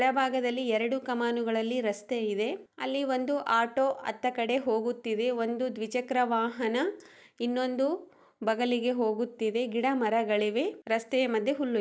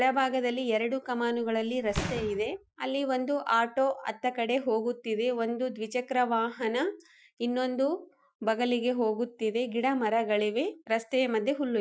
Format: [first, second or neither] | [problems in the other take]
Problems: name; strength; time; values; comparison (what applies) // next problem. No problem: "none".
first | noise reduction (classical method Wiener filter)